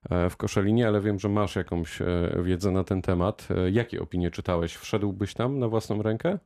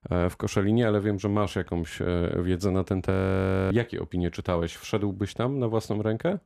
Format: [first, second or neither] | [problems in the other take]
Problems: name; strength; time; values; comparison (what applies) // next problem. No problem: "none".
first | audio freezing; at 3 s for 0.5 s